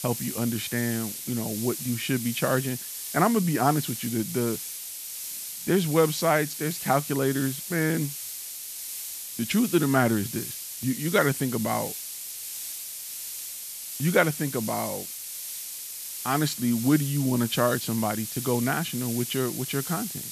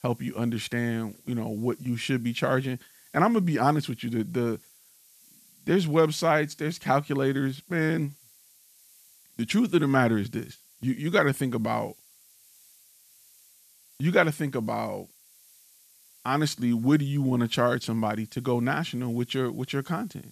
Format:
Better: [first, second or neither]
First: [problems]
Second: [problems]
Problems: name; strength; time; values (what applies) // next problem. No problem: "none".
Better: second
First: hiss; loud; throughout; 7 dB below the speech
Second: hiss; faint; throughout; 25 dB below the speech